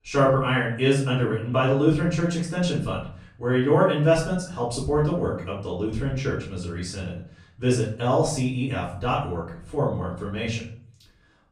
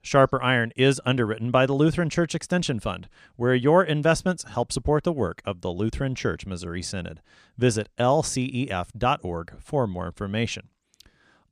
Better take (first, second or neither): second